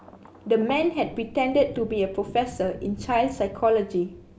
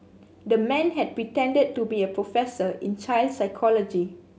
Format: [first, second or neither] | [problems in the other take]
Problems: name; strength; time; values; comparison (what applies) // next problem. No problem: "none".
second | background sound (Thunder); 17 dB below the speech